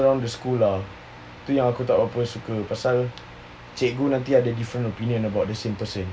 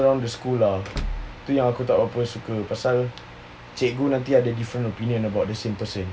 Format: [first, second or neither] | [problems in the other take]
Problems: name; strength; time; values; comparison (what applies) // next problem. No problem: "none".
first | background sound (Door / Car); 10 dB below the speech